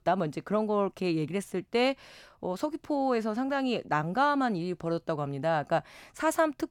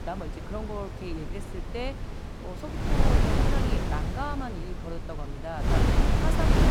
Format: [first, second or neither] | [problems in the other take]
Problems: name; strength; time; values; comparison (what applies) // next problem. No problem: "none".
first | wind noise on the microphone; heavy; 2 dB above the speech